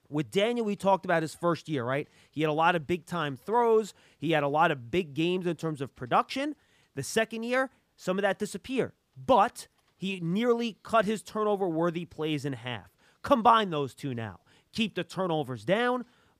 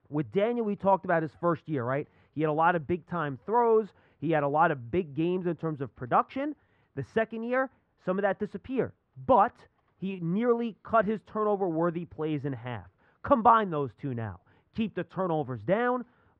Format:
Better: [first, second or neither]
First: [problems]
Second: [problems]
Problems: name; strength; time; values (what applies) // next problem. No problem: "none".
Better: first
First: none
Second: muffled; very; fading above 1.5 kHz